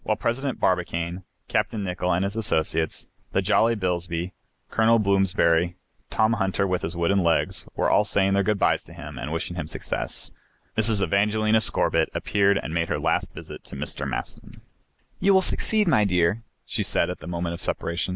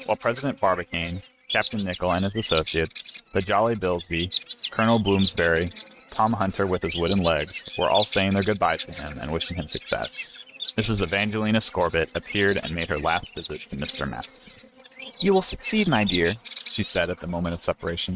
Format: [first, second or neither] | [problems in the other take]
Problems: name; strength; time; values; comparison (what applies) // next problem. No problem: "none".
first | noise reduction (neural mask model RNNoise)